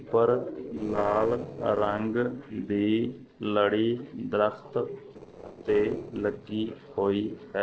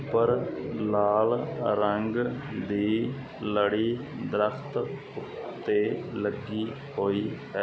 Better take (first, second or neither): second